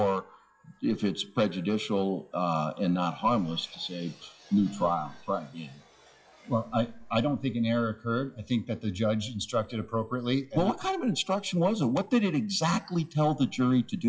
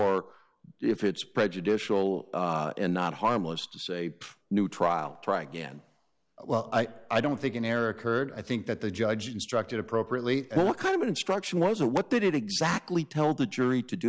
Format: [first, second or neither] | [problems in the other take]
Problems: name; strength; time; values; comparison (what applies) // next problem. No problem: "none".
second | noise reduction (classical method WPE with log-MMSE)